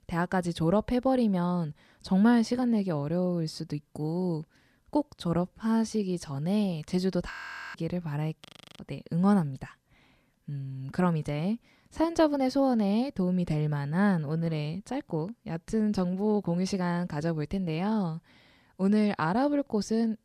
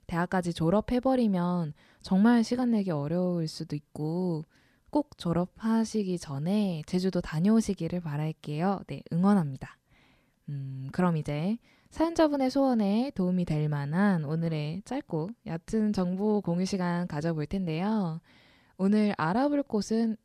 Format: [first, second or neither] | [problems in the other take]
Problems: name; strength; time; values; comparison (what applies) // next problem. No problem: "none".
second | audio freezing; at 7.5 s and at 8.5 s